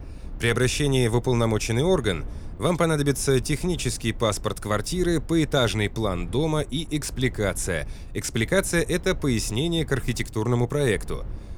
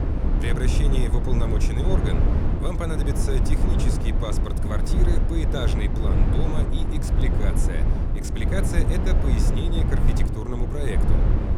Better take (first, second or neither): first